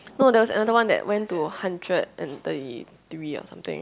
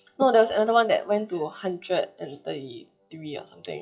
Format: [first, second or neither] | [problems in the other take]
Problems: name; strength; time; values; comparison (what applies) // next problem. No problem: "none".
first | noise reduction (classical method WPE with log-MMSE)